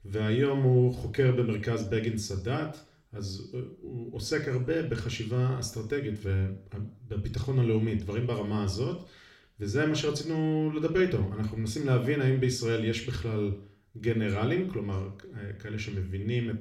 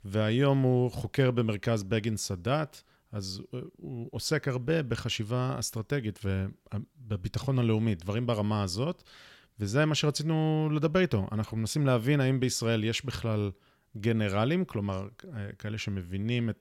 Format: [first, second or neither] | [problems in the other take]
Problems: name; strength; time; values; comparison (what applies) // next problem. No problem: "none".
second | room echo; slight; dies away in 0.5 s // off-mic speech; somewhat distant